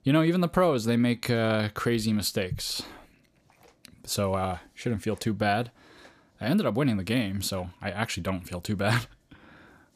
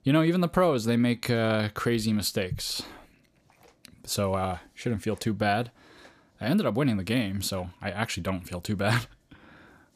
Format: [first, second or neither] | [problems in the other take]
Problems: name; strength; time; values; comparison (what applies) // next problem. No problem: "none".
neither | none